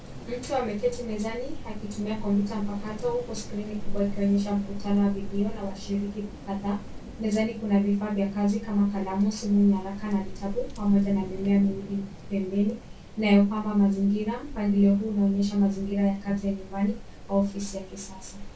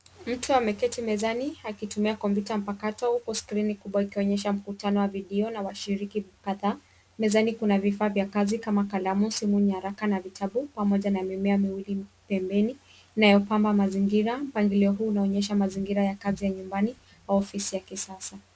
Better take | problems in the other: second | background sound (Rain); 10 dB below the speech // room echo; dies away in 0.2 s

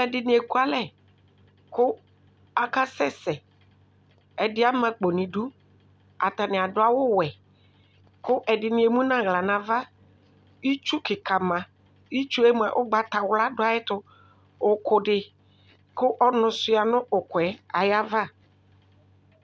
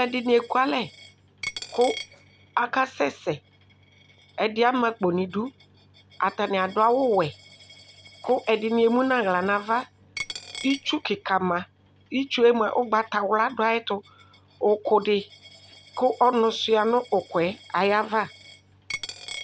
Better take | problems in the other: first | background sound (Coin (dropping)); 19 dB below the speech

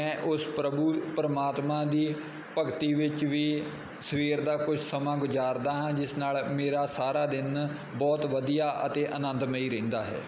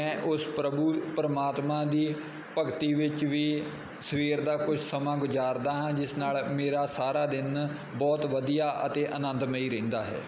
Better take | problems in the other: first | background sound (Bowed string instrument); 18 dB below the speech

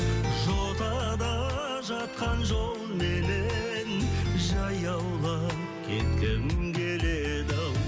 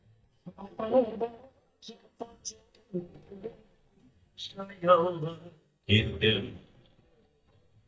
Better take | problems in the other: first | noise reduction (neural mask model DeepFilterNet 3)

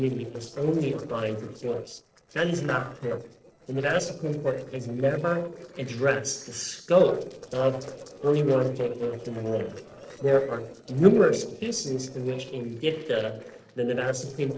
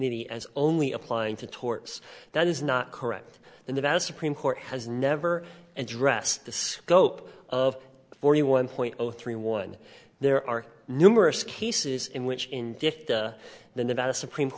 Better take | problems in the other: second | noise reduction (neural separator model SepFormer DNS4)

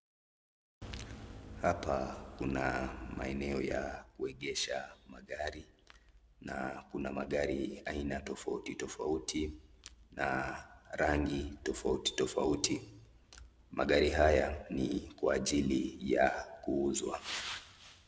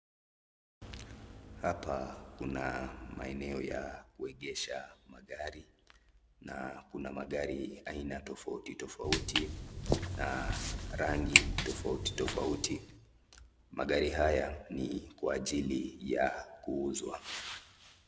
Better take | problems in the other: first | background sound (Walk, footsteps); 4 dB above the speech

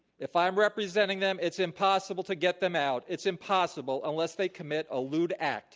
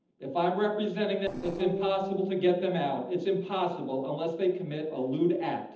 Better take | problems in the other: first | noise reduction (neural separator model SepFormer DNS4)

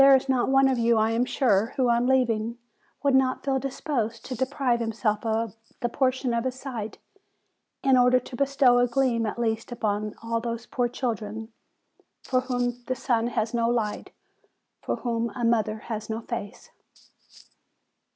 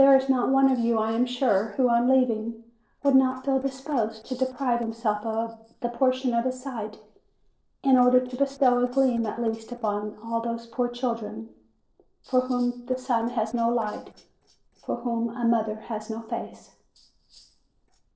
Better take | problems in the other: first | noise reduction (neural separator model SepFormer DNS4)

